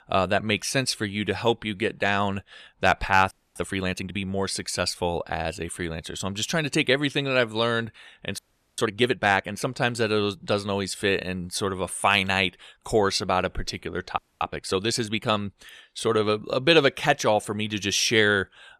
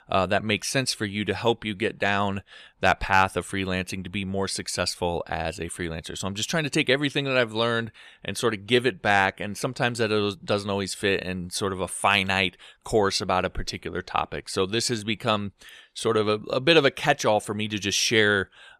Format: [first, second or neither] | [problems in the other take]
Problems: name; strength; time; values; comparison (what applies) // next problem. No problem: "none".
second | audio freezing; at 3.5 s, at 8.5 s and at 14 s